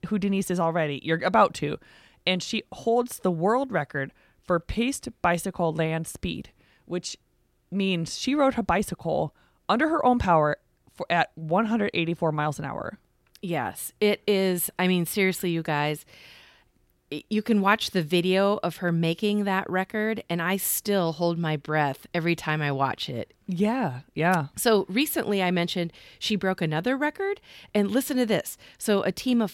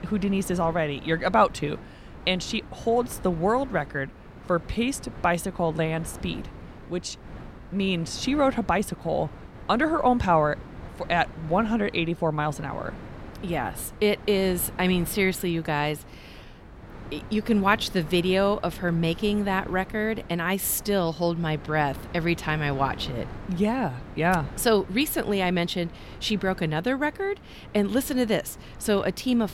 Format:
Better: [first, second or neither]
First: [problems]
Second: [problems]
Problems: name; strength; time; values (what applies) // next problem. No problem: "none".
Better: first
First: none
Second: wind noise on the microphone; occasional gusts; 20 dB below the speech